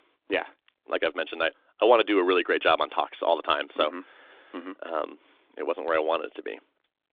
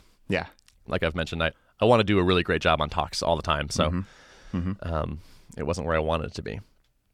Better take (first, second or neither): second